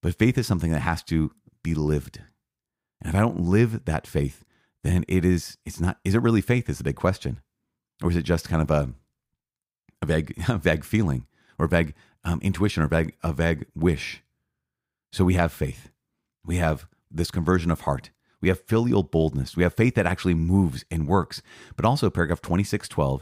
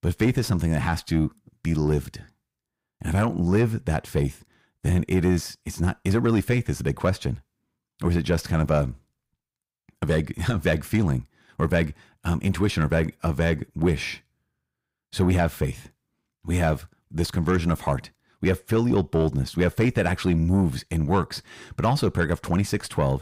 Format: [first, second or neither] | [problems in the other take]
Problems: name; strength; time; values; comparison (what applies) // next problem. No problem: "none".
first | distortion; slight; 10 dB below the speech